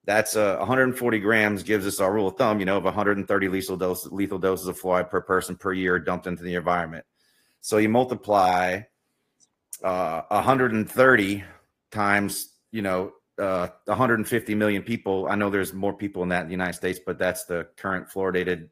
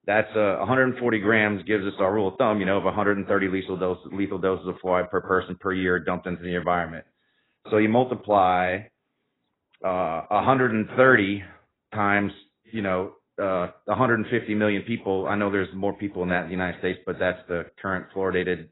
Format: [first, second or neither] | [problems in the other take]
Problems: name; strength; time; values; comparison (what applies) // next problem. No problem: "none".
first | garbled, watery; badly; nothing above 4 kHz; slightly in the first